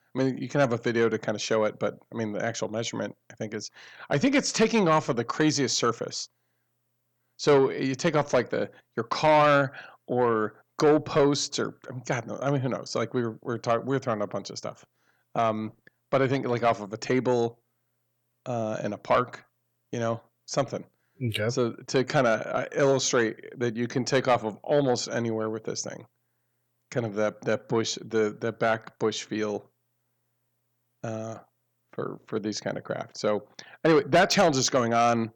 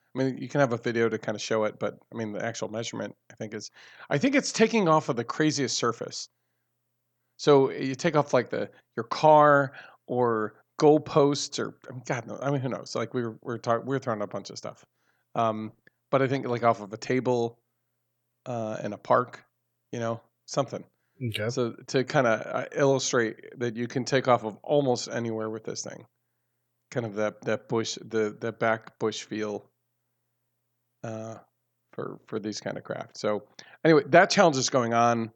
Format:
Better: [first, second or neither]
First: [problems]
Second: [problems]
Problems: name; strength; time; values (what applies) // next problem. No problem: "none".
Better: second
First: distortion; slight; 10 dB below the speech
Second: none